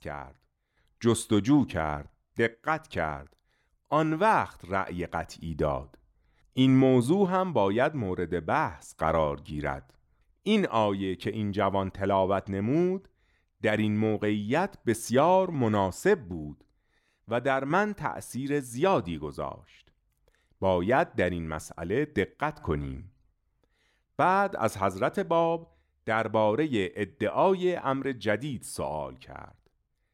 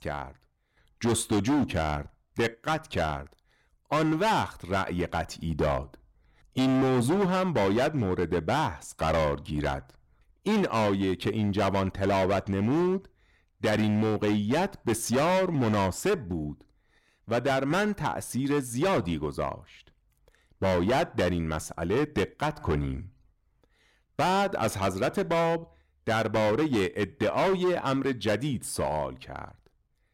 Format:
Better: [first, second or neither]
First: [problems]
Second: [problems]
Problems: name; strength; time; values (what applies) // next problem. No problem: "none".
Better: first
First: none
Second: distortion; heavy; 14% of the sound clipped